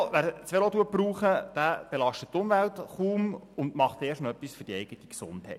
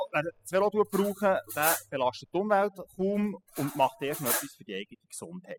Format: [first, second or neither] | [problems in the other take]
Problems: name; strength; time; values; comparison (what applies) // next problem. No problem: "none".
first | noise reduction (classical method spectral subtraction)